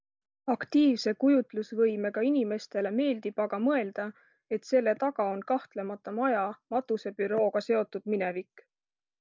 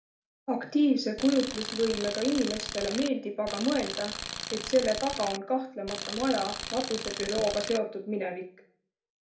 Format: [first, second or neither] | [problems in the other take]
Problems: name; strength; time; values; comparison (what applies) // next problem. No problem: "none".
first | background sound (Tools); 7 dB below the speech // room echo; dies away in 0.4 s